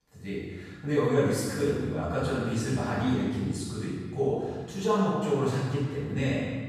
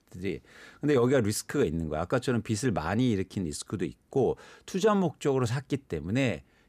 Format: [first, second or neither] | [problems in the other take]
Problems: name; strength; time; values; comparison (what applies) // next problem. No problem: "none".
second | off-mic speech; far // room echo; strong; dies away in 1.3 s